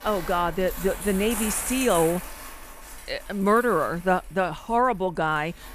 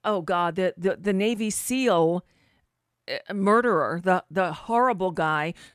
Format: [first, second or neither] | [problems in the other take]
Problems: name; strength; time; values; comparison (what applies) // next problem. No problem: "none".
second | household noises; loud; throughout; 10 dB below the speech